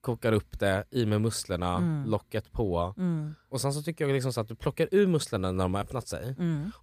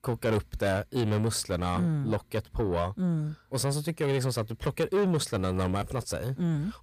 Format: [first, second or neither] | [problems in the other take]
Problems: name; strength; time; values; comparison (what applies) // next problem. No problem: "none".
first | distortion; slight; 10 dB below the speech